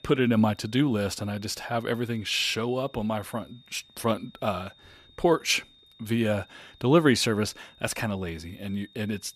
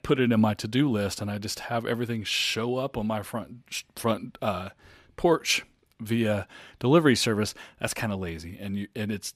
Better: second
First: high-pitched whine; faint; throughout; 3.5 kHz, 30 dB below the speech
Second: none

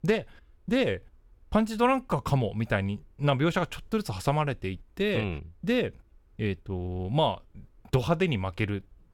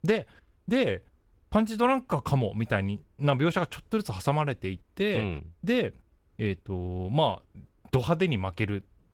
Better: first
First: none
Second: garbled, watery; slightly; nothing above 17 kHz

